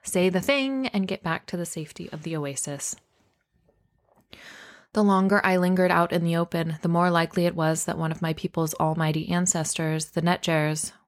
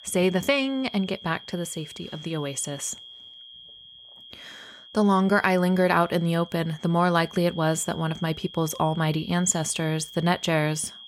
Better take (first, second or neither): first